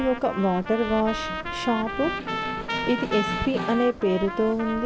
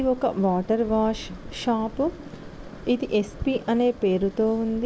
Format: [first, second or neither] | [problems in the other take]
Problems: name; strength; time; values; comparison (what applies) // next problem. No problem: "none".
second | background sound (Trumpet + Snare drum); 6 dB below the speech